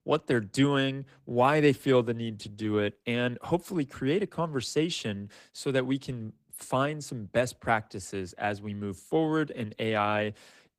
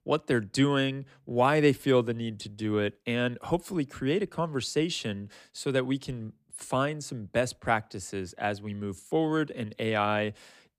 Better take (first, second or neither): second